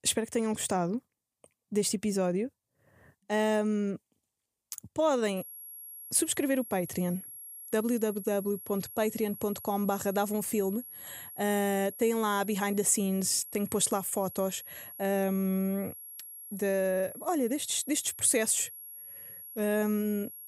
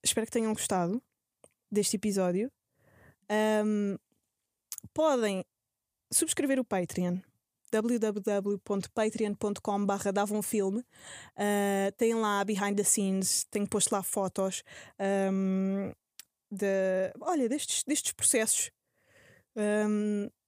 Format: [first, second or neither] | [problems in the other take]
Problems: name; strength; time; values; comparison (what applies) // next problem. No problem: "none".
second | high-pitched whine; noticeable; from 5.5 s on; 11.5 kHz, 15 dB below the speech